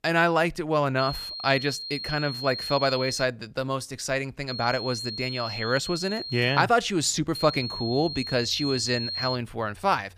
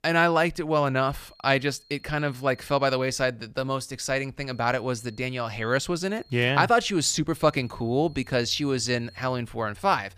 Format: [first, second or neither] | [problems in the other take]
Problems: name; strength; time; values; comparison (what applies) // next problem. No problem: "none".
second | high-pitched whine; loud; from 1 to 3 s, from 4.5 to 6.5 s and from 7.5 to 9.5 s; 4 kHz, 6 dB below the speech; faint in the second